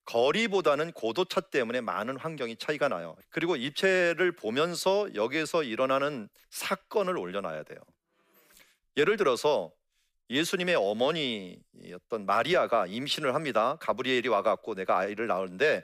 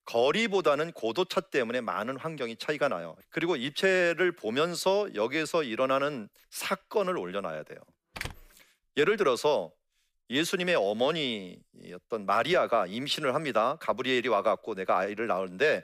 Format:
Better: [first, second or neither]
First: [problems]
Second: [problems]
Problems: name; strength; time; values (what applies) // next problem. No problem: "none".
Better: first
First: none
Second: door banging; faint; at 8 s; peak 10 dB below the speech